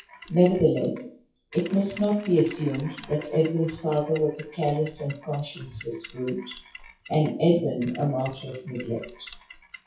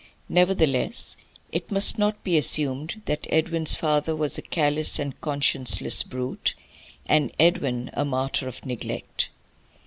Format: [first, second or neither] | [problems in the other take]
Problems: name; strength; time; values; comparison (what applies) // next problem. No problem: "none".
second | noise reduction (classical method WPE with log-MMSE)